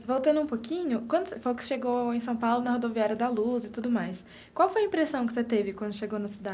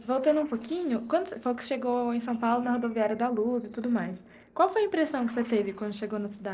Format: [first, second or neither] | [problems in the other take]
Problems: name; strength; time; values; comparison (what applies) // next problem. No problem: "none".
first | noise reduction (neural separator model SepFormer DNS4)